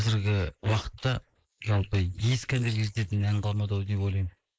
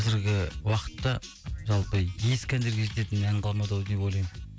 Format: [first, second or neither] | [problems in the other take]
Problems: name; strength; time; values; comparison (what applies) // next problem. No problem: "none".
second | noise reduction (neural mask model Resemble Enhance denoiser)